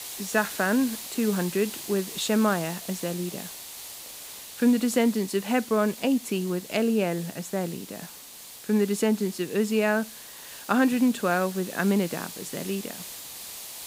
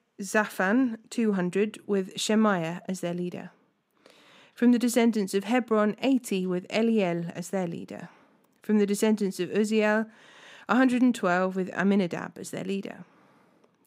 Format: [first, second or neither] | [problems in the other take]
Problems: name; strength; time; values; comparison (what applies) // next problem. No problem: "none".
second | hiss; noticeable; throughout; 10 dB below the speech